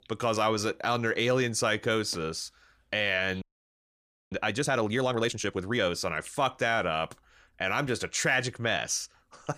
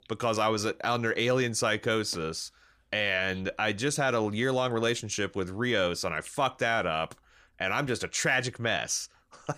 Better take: second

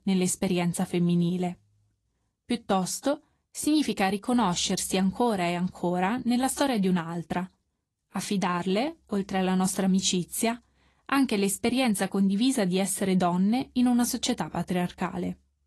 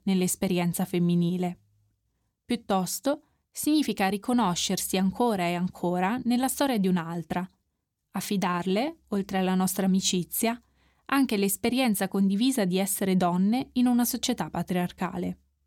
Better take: second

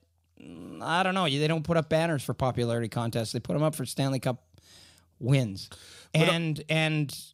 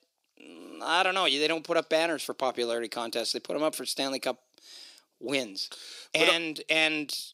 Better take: first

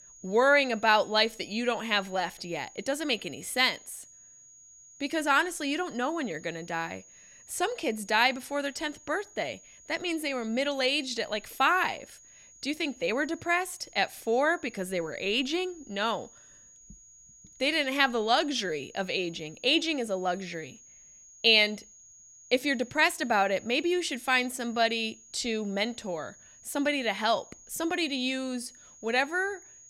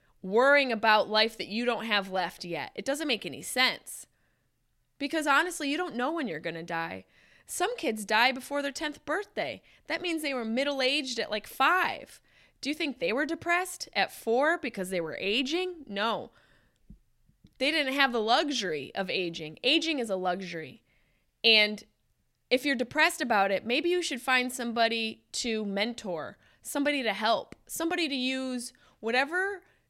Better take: second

